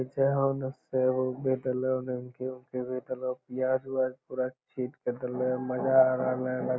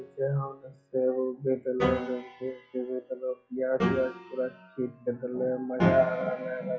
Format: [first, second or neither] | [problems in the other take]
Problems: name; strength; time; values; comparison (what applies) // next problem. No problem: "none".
first | noise reduction (classical method WPE with log-MMSE)